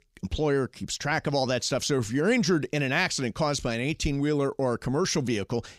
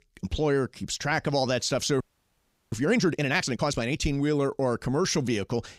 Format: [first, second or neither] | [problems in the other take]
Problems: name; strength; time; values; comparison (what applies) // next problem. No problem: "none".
first | audio freezing; at 2 s for 0.5 s